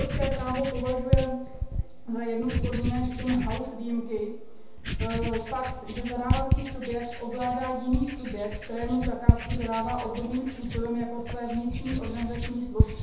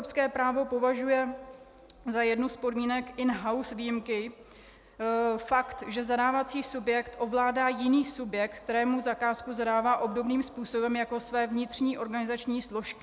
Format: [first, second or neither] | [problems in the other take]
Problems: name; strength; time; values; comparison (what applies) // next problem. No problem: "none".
second | background sound (Writing); 1 dB above the speech // room echo; dies away in 0.8 s